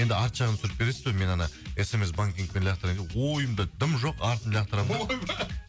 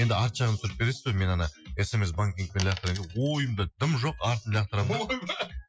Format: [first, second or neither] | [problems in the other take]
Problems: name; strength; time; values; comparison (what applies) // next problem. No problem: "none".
first | noise reduction (classical method Wiener filter)